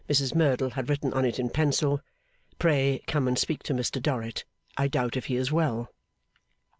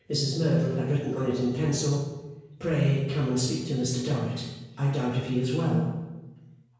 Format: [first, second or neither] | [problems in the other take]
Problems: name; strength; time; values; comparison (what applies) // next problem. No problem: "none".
first | room echo; dies away in 1 s